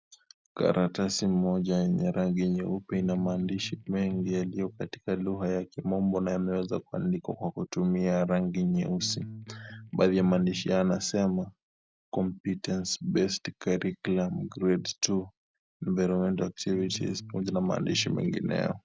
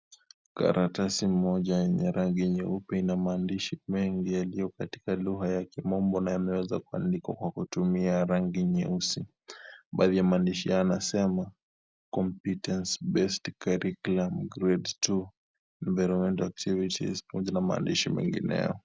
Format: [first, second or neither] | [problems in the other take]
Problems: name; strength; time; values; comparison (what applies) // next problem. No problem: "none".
second | background sound (Electric guitar); 15 dB below the speech